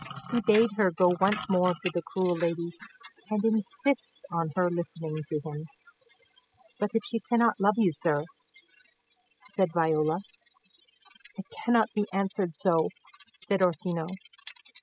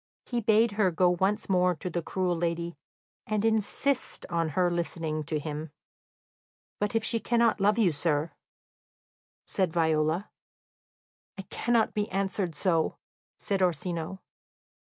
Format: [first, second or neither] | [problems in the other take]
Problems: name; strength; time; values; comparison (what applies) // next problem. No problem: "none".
second | noise reduction (classical method spectral subtraction)